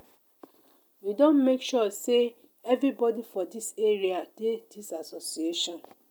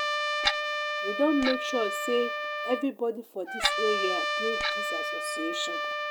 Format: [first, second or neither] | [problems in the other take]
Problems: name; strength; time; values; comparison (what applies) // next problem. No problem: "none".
first | background sound (Trumpet + Clock); 1 dB above the speech